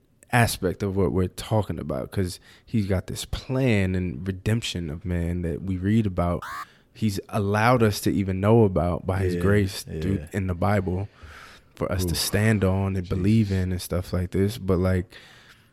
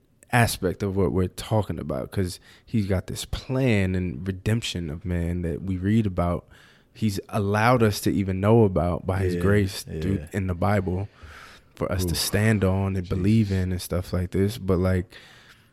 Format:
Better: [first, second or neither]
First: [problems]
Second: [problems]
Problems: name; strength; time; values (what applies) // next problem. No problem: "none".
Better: second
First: alarm; faint; at 6.5 s; peak 10 dB below the speech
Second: none